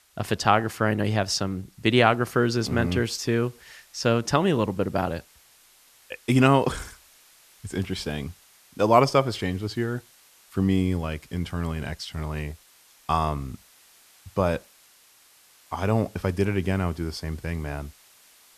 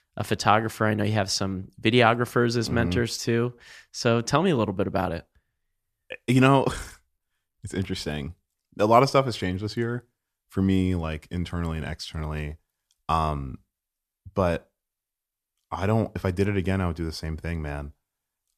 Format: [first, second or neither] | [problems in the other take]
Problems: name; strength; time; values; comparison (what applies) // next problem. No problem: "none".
second | hiss; faint; throughout; 30 dB below the speech